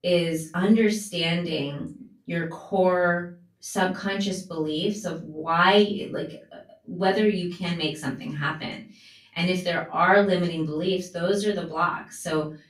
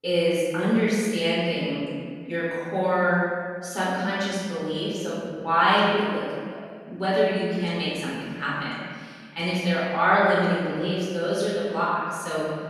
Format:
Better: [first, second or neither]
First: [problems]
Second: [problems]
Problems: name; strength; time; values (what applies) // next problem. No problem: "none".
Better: first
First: room echo; slight; dies away in 0.3 s // off-mic speech; far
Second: room echo; strong; dies away in 1.7 s // off-mic speech; far